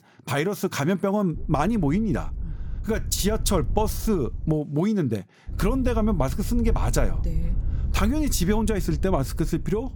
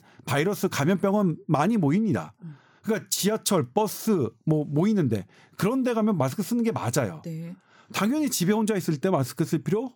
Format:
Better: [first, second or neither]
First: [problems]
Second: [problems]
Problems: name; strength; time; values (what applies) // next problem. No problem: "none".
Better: second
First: wind noise on the microphone; occasional gusts; from 1.5 to 4.5 s and from 5.5 s on; 20 dB below the speech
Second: none